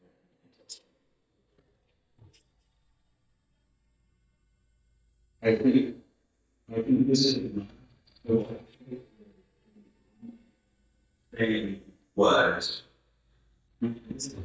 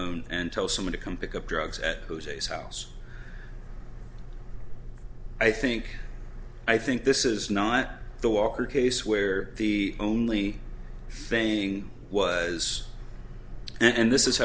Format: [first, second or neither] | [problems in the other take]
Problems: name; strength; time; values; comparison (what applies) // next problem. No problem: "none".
second | noise reduction (neural mask model DeepFilterNet 3)